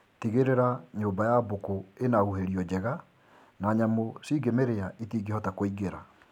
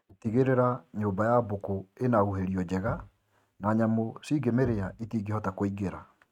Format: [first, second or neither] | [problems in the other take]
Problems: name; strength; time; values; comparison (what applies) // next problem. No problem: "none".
first | noise reduction (neural mask model RNNoise)